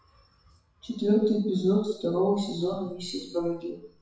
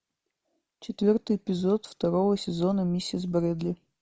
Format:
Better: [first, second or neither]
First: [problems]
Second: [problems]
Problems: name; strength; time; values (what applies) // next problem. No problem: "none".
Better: second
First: noise reduction (classical method WPE with log-MMSE)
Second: none